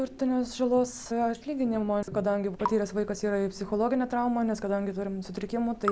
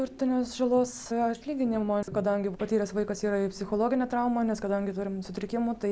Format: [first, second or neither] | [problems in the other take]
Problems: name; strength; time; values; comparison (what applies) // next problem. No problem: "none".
second | background sound (Raindrop / Drip); 15 dB below the speech